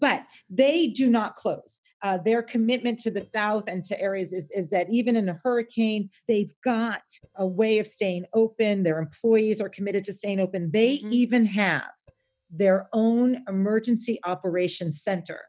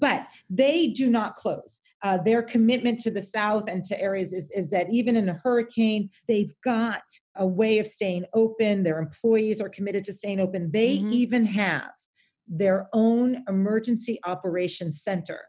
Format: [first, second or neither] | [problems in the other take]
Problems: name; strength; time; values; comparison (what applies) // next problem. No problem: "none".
second | noise reduction (neural mask model DeepFilterNet 3)